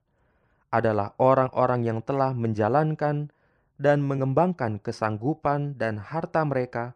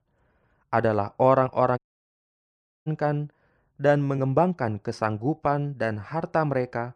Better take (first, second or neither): first